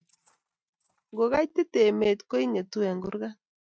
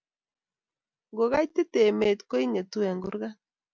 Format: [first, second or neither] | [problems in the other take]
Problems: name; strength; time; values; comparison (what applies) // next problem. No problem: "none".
second | noise reduction (neural mask model RNNoise)